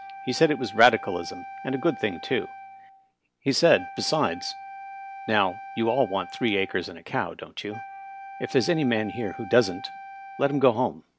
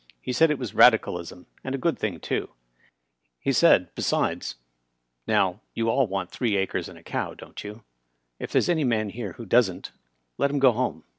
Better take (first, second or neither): second